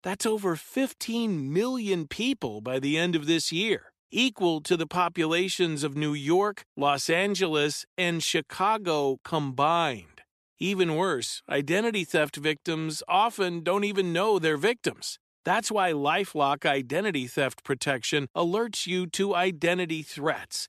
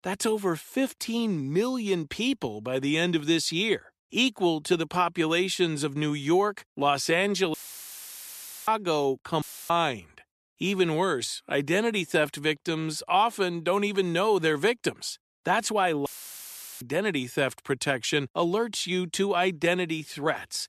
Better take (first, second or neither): first